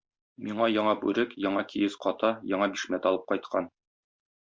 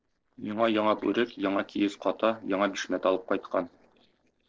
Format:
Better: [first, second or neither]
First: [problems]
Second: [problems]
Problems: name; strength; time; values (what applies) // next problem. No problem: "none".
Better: first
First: none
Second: noise reduction (neural separator model SepFormer DNS4)